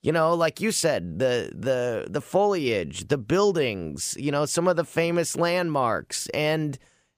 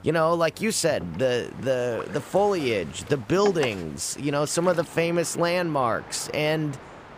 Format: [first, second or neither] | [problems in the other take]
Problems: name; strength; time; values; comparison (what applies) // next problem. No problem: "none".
first | train or aircraft noise; noticeable; throughout; 15 dB below the speech